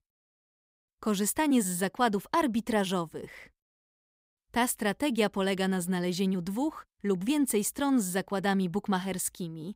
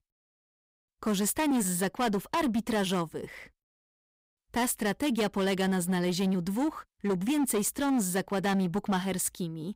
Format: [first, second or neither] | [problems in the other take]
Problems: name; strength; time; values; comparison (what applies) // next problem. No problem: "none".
first | distortion; slight; 13% of the sound clipped